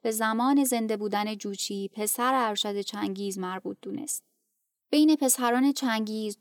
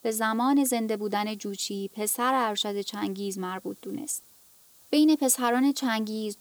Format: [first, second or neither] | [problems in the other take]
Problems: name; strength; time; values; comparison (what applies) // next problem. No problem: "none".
first | hiss; faint; throughout; 25 dB below the speech